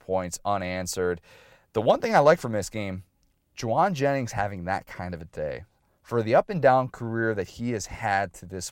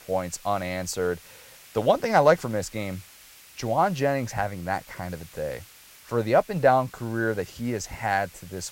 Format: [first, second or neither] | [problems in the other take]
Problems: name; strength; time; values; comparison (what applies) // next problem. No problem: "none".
first | hiss; faint; throughout; 20 dB below the speech